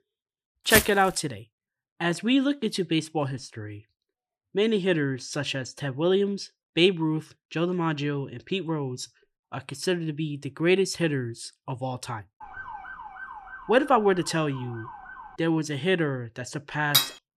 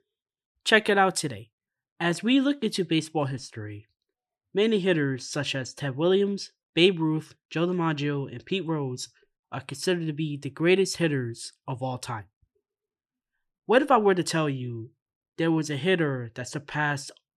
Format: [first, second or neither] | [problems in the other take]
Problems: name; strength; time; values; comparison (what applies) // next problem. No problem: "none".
second | footsteps; loud; at 0.5 s; peak 2 dB above the speech // siren; faint; from 12 to 15 s; peak 10 dB below the speech // clattering dishes; loud; at 17 s; peak 4 dB above the speech